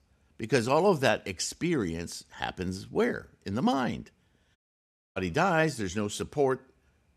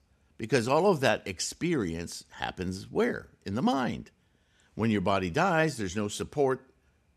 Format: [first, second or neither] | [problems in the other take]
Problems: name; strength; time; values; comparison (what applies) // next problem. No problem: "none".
second | audio cutting out; at 4.5 s for 0.5 s